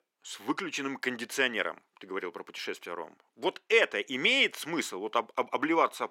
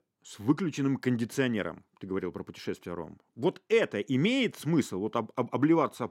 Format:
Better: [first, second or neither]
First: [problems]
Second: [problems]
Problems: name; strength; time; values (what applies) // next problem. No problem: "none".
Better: second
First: thin; somewhat; fading below 550 Hz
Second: none